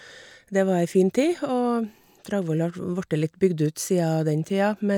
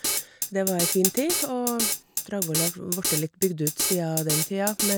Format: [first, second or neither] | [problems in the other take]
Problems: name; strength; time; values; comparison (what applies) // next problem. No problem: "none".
first | background sound (Drum kit); 1 dB below the speech